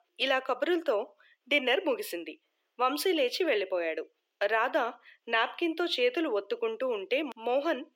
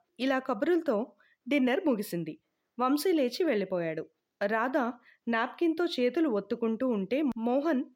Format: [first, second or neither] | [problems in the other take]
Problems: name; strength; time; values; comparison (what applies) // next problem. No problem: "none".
second | thin; somewhat; fading below 350 Hz